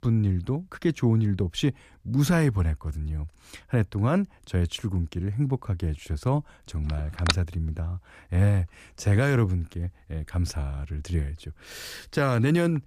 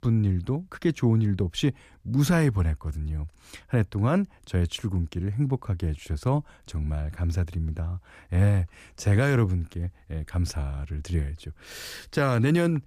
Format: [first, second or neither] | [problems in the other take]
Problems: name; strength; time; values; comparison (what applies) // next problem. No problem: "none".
second | phone ringing; noticeable; at 7.5 s; peak 1 dB below the speech